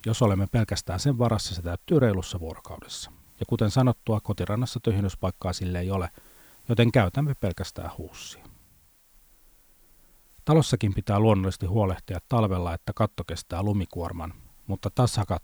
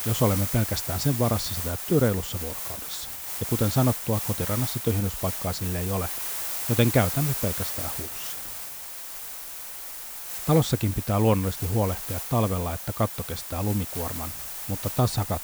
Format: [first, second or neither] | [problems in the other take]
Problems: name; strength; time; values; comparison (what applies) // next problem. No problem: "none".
first | hiss; loud; throughout; 4 dB below the speech; faint in the first